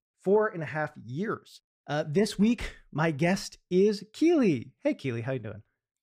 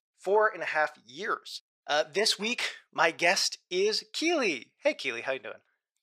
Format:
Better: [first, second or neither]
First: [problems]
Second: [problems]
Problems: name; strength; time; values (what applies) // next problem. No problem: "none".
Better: first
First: none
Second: thin; very; fading below 700 Hz